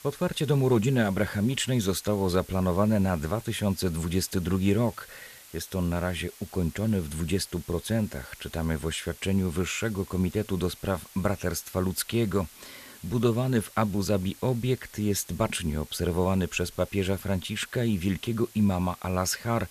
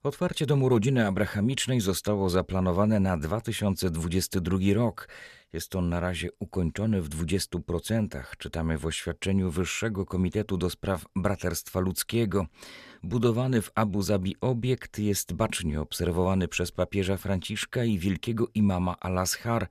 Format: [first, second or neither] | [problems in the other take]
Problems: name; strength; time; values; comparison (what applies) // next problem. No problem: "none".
second | hiss; noticeable; throughout; 20 dB below the speech